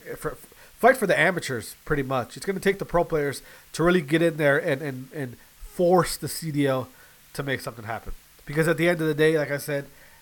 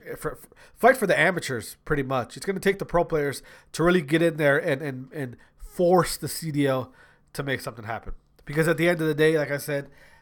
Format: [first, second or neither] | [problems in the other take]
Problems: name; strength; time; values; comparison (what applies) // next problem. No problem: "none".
second | hiss; faint; throughout; 25 dB below the speech